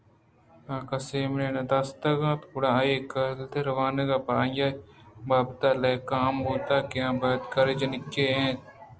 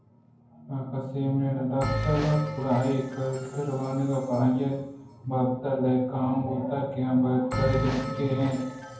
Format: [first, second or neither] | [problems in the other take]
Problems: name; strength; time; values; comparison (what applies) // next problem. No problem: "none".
first | background sound (Bell); 10 dB below the speech // room echo; dies away in 0.9 s